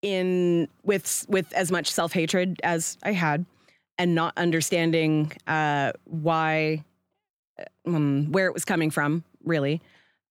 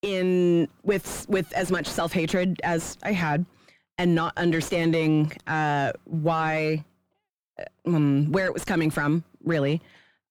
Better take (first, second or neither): first